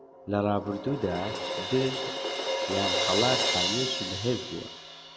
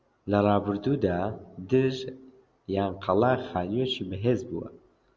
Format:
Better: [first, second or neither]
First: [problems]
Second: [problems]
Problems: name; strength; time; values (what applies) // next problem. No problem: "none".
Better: second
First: background sound (Crash cymbal); as loud as the speech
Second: none